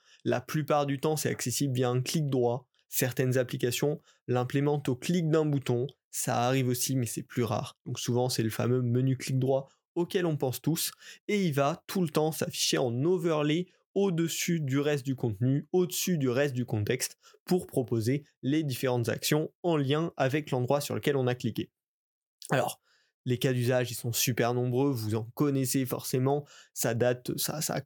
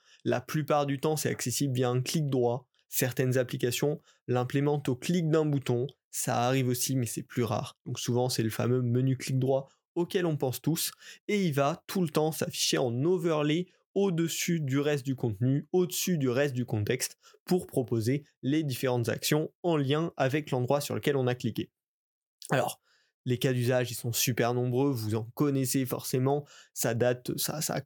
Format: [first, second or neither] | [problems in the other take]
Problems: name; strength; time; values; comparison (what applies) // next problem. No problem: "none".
neither | none